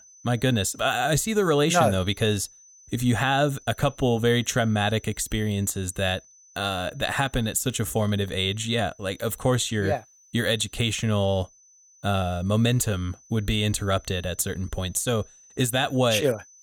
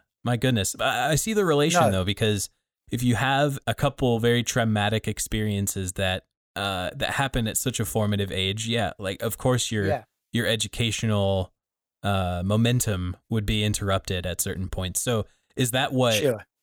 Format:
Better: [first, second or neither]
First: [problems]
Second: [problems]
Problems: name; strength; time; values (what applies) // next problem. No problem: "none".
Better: second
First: high-pitched whine; faint; throughout; 6 kHz, 25 dB below the speech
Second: none